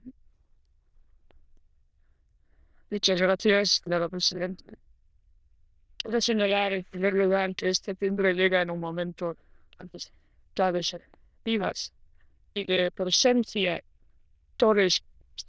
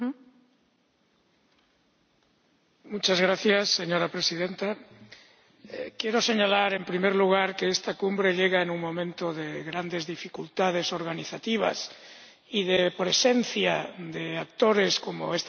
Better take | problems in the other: second | noise reduction (neural diffusion model UNIVERSE++)

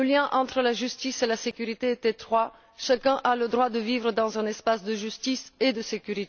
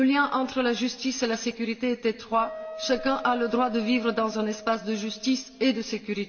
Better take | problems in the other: first | background sound (Wind instrument, woodwind instrument); 14 dB below the speech // room echo; dies away in 2.3 s

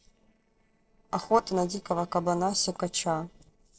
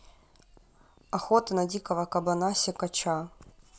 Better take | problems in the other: second | noise reduction (neural separator model SepFormer DNS4)

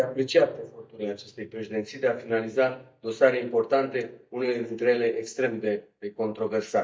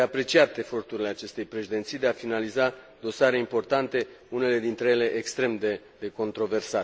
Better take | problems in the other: second | noise reduction (neural mask model DeepFilterNet 3)

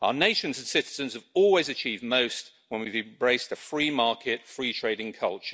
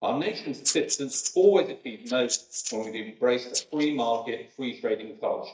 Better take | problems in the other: first | noise reduction (neural mask model DeepFilterNet 3)

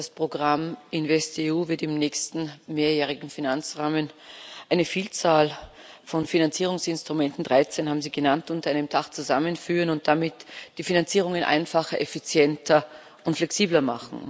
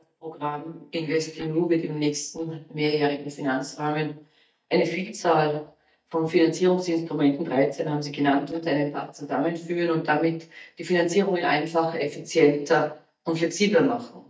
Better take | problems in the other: first | noise reduction (neural mask model DeepFilterNet 3)

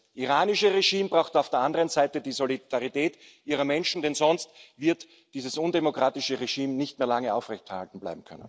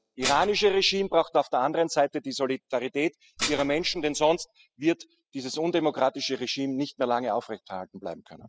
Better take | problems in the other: first | noise reduction (classical method spectral subtraction)

